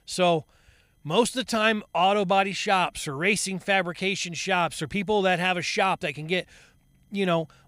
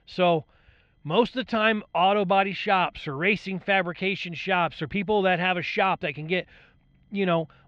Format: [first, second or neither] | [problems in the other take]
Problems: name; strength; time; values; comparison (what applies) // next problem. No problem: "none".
first | muffled; slightly; fading above 3.5 kHz